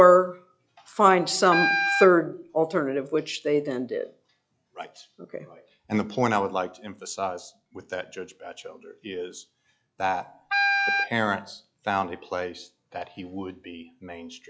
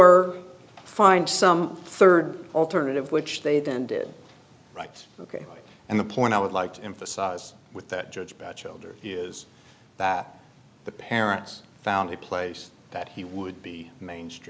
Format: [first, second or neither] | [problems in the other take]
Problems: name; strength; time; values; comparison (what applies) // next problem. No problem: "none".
second | noise reduction (classical method log-MMSE)